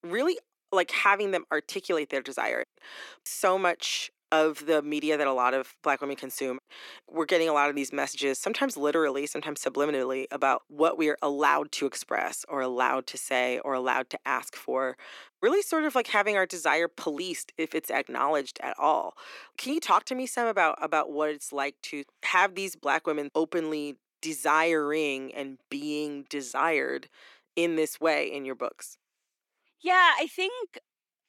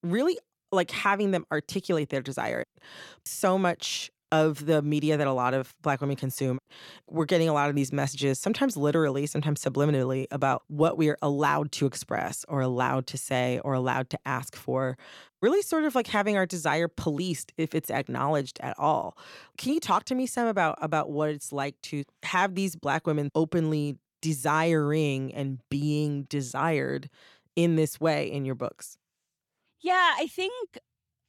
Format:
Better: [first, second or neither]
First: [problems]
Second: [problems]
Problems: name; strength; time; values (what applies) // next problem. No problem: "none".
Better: second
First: thin; somewhat; fading below 300 Hz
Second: none